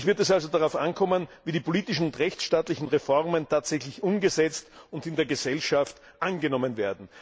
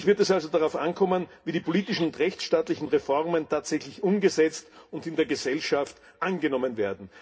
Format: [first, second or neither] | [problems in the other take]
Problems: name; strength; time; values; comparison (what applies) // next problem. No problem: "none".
first | background sound (Bird); 17 dB below the speech // room echo; dies away in 0.3 s